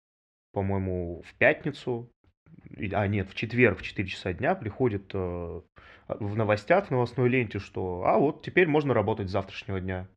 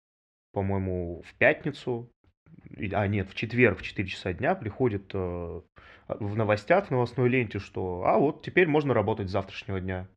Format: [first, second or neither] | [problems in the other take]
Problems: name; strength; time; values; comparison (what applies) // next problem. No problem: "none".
neither | muffled; very; fading above 2 kHz; the same in both